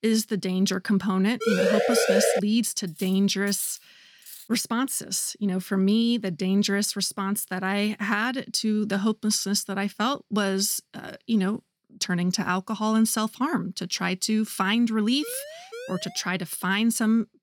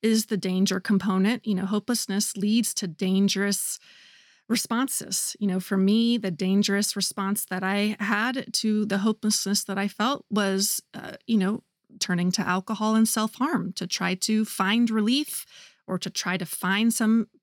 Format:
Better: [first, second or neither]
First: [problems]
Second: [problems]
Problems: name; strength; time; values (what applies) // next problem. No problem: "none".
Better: second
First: siren; loud; at 1.5 s; peak 4 dB above the speech // clattering dishes; faint; from 3 to 4.5 s; peak 10 dB below the speech // siren; faint; at 15 s; peak 15 dB below the speech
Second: none